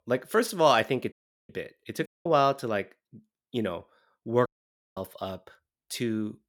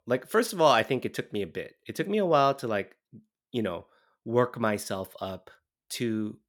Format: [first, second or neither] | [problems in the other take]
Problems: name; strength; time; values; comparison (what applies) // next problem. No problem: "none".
second | audio cutting out; at 1 s, at 2 s and at 4.5 s for 0.5 s